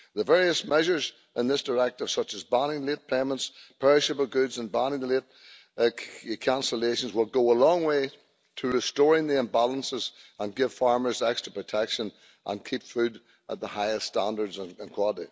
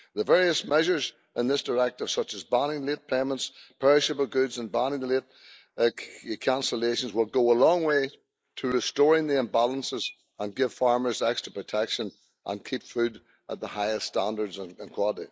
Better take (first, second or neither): first